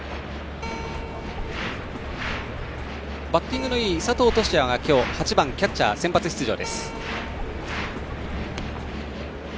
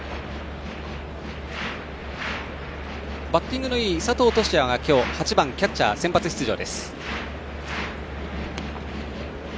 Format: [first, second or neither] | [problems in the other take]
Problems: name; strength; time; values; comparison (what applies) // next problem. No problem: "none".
second | background sound (Keyboard (musical)); 9 dB below the speech